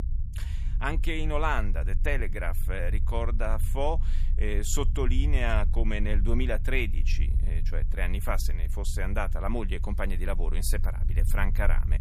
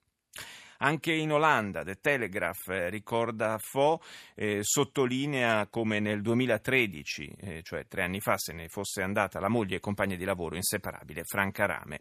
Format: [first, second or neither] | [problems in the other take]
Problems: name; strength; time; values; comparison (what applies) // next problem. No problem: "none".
second | low rumble; noticeable; throughout; 15 dB below the speech